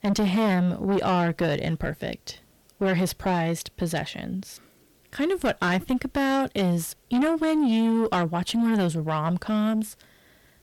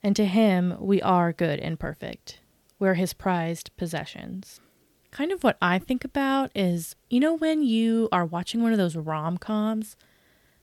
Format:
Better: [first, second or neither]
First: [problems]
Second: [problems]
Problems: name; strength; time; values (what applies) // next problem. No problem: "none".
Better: second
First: distortion; heavy; 7 dB below the speech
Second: none